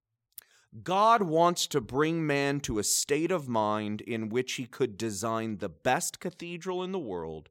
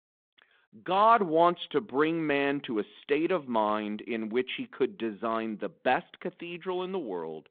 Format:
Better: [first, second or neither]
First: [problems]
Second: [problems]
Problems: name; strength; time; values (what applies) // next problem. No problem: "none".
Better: first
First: none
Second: phone-call audio; nothing above 3.5 kHz